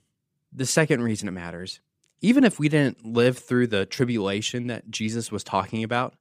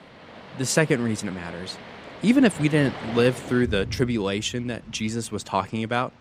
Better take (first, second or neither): first